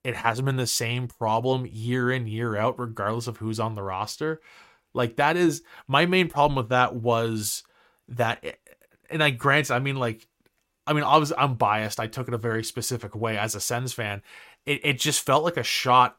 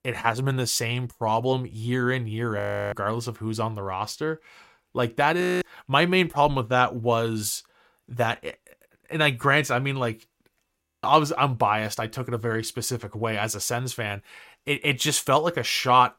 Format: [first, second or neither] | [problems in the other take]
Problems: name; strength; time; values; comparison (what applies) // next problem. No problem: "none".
first | audio freezing; at 2.5 s, at 5.5 s and at 11 s